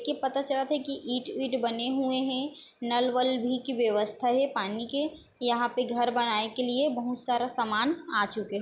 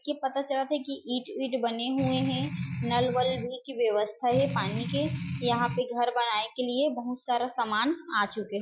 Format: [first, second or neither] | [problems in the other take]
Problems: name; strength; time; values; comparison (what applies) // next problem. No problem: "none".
first | noise reduction (classical method Wiener filter)